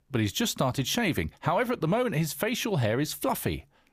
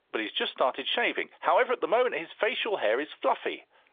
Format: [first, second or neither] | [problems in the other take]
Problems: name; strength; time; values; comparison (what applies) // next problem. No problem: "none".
first | phone-call audio; nothing above 3.5 kHz